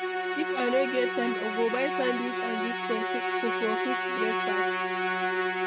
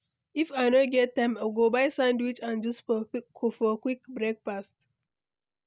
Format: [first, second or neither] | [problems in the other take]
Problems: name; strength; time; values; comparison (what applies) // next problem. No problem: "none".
second | background sound (Musical instrument); 3 dB above the speech